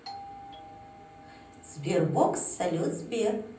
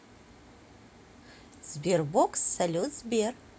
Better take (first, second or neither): second